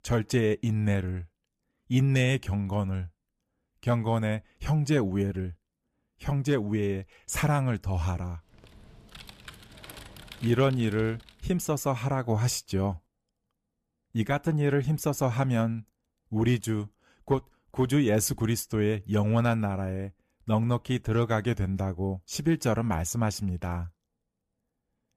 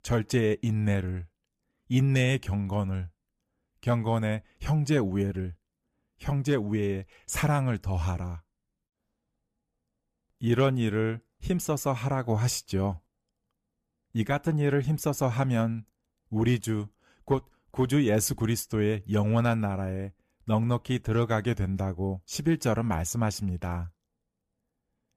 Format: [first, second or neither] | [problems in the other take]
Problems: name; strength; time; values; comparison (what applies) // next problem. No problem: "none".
second | keyboard typing; faint; from 8.5 to 11 s; peak 15 dB below the speech